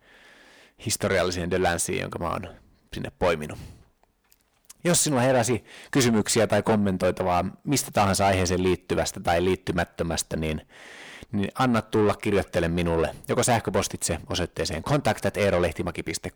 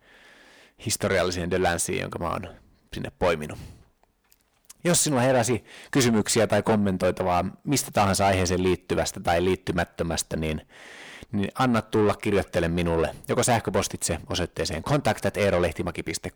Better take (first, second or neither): neither